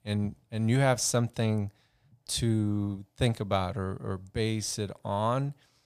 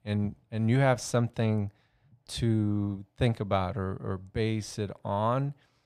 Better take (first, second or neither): first